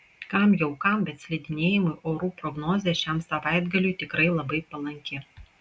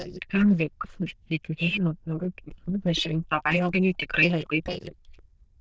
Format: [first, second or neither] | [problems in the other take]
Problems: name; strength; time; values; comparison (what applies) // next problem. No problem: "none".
first | noise reduction (neural diffusion model UNIVERSE++)